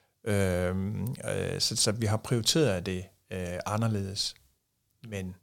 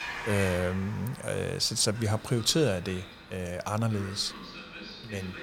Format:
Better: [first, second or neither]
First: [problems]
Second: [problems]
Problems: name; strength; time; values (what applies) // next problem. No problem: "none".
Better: first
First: none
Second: train or aircraft noise; noticeable; throughout; 10 dB below the speech